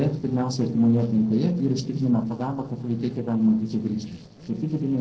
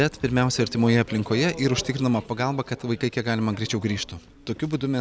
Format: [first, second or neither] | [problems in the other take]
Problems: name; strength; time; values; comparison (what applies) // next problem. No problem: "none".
second | noise reduction (neural separator model SepFormer DNS4)